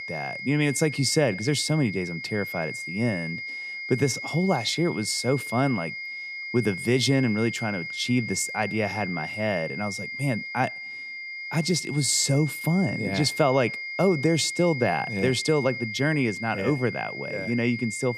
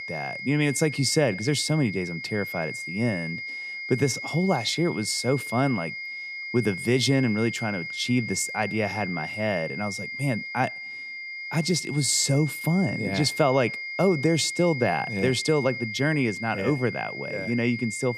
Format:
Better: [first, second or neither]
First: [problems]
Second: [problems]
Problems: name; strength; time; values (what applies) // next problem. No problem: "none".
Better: neither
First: high-pitched whine; loud; throughout; 2 kHz, 7 dB below the speech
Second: high-pitched whine; loud; throughout; 2 kHz, 7 dB below the speech